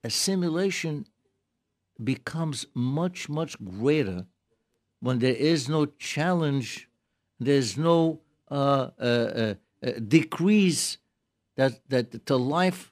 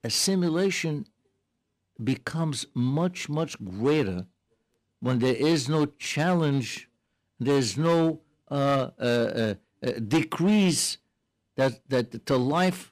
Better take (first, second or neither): first